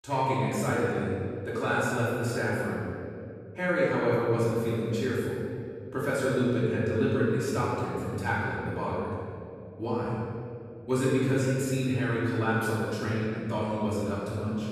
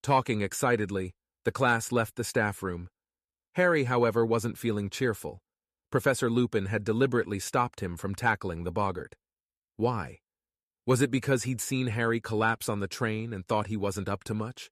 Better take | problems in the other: second | off-mic speech; far // room echo; strong; dies away in 2.4 s

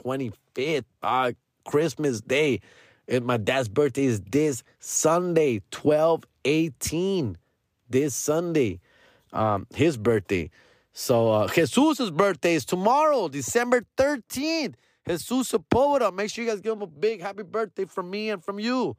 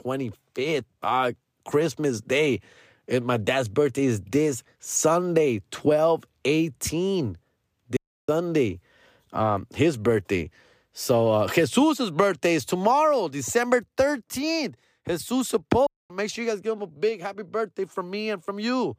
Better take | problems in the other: first | audio cutting out; at 8 s and at 16 s

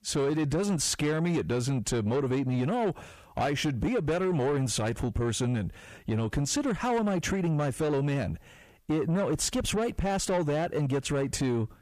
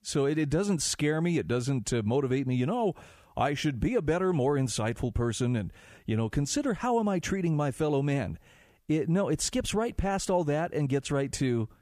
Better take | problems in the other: second | distortion; slight; 10 dB below the speech

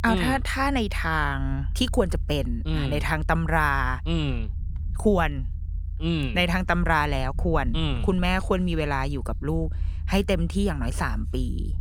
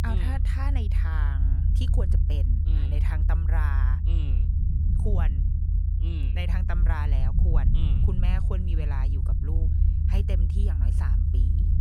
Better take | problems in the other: first | low rumble; loud; throughout; 3 dB below the speech; faint in the first

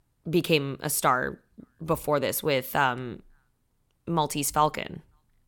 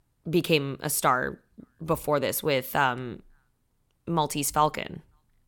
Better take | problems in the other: neither | none

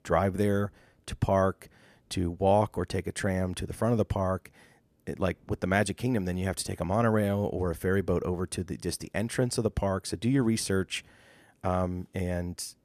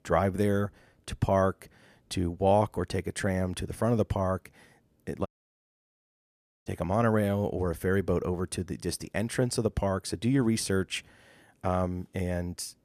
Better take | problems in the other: first | audio cutting out; at 5.5 s for 1.5 s

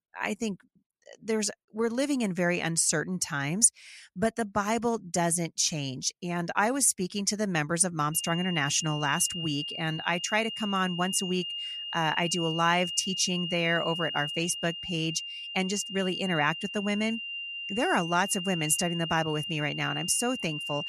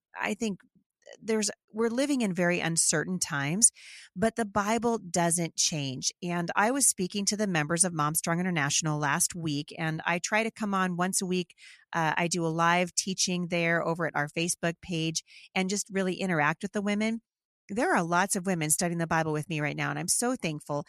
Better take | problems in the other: second | high-pitched whine; loud; from 8 s on; 3 kHz, 6 dB below the speech

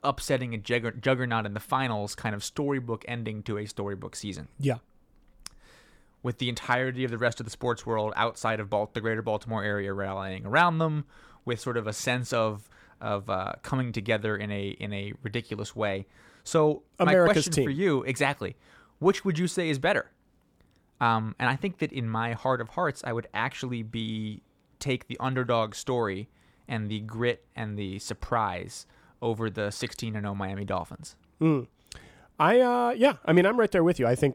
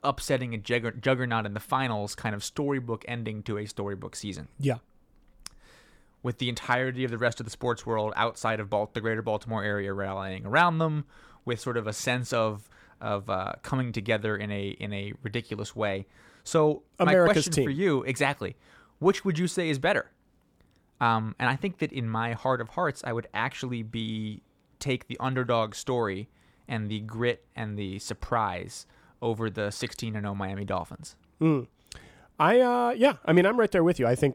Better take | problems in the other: neither | none

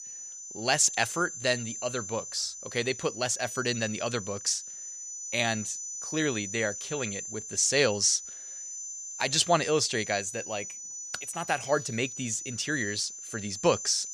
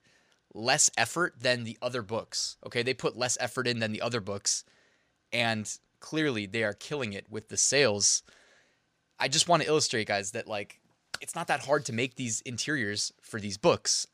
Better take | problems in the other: second | high-pitched whine; loud; throughout; 6 kHz, 8 dB below the speech

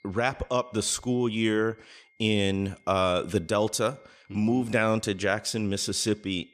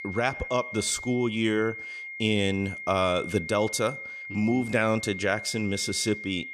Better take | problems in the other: first | high-pitched whine; loud; throughout; 2 kHz, 9 dB below the speech; faint in the first

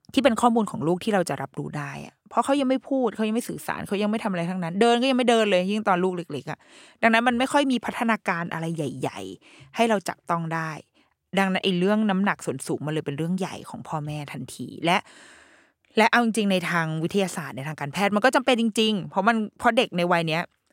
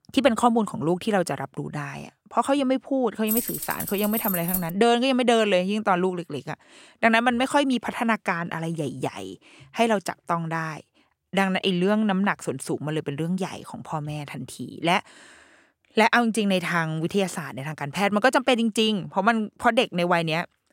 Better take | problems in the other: first | jangling keys; noticeable; from 3.5 to 4.5 s; peak 2 dB below the speech

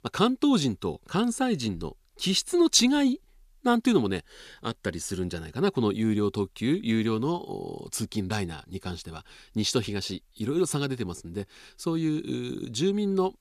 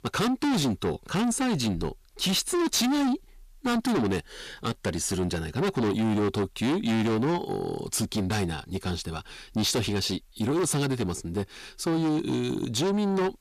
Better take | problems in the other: first | distortion; heavy; 6 dB below the speech

